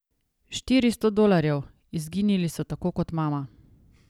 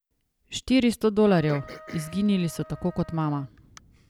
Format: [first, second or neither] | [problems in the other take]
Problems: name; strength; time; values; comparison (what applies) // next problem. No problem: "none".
first | background sound (Cough + Trumpet); 19 dB below the speech